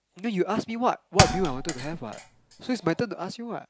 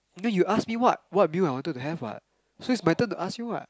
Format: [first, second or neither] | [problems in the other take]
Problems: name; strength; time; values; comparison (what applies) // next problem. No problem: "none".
second | background sound (Thump, thud); 2 dB below the speech